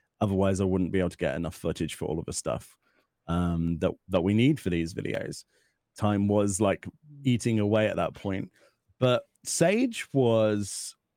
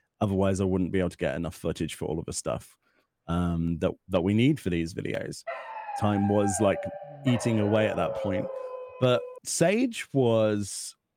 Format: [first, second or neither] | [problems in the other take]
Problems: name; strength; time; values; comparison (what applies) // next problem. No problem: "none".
first | dog barking; noticeable; from 5.5 to 9.5 s; peak 4 dB below the speech